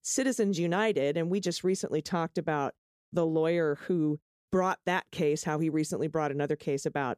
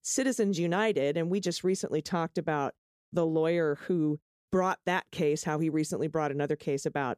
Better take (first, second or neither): neither